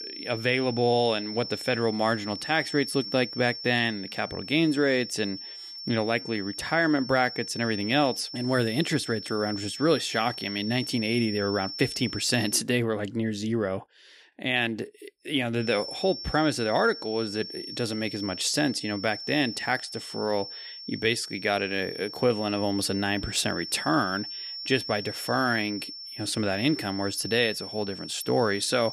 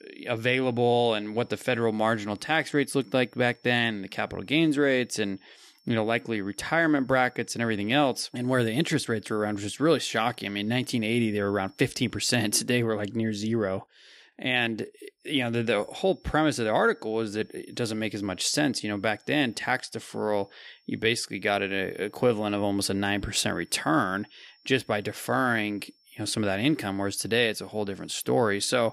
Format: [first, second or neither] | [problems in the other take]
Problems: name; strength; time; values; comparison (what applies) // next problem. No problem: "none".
second | high-pitched whine; loud; until 13 s and from 16 s on; 5.5 kHz, 9 dB below the speech; faint in the second